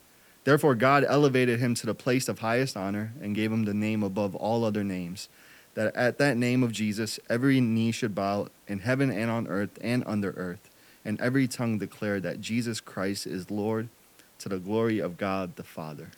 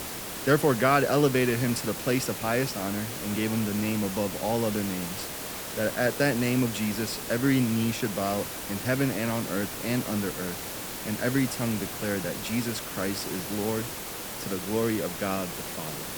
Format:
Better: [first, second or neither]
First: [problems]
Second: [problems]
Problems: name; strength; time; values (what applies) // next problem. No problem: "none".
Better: first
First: hiss; faint; throughout; 30 dB below the speech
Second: hiss; loud; throughout; 6 dB below the speech